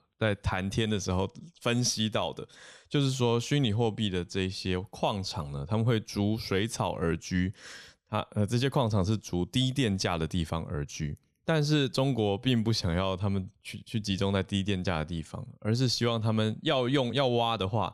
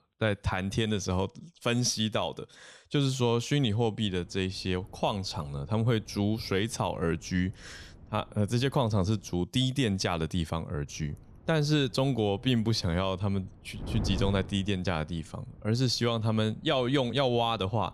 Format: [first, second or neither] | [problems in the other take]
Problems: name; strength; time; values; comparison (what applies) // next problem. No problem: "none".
first | wind noise on the microphone; occasional gusts; from 4 to 9.5 s and from 11 s on; 25 dB below the speech